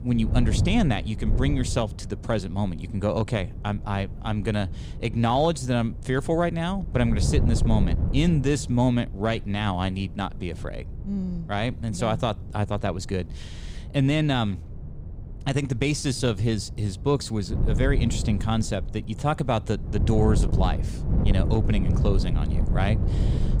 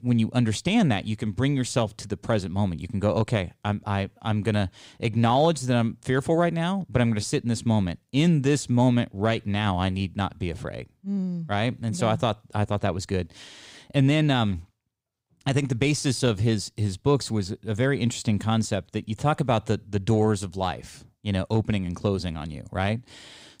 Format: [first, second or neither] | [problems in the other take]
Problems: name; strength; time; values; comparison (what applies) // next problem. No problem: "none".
second | wind noise on the microphone; occasional gusts; 15 dB below the speech